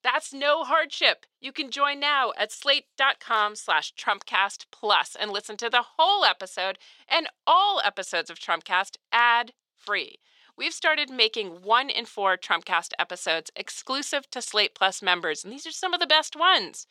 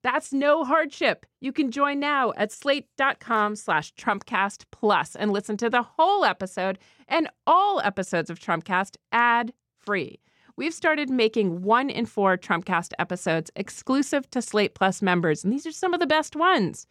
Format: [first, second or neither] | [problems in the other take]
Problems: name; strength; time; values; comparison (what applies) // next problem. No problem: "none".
second | thin; very; fading below 650 Hz